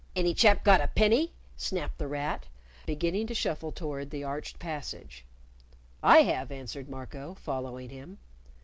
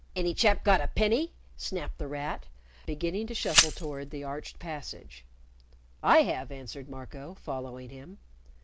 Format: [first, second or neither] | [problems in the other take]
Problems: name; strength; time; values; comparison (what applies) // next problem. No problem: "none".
first | background sound (Glass); as loud as the speech